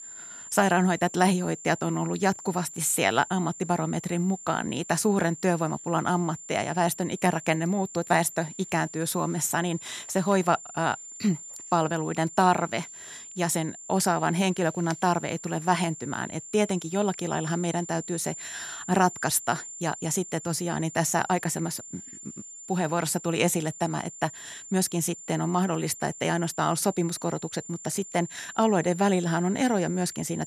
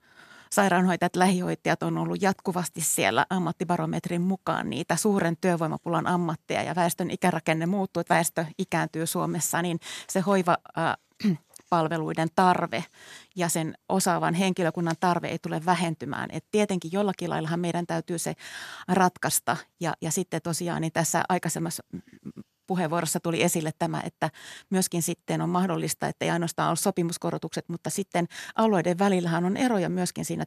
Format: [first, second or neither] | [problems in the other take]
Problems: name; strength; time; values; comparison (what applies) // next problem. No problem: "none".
second | high-pitched whine; noticeable; throughout; 7 kHz, 15 dB below the speech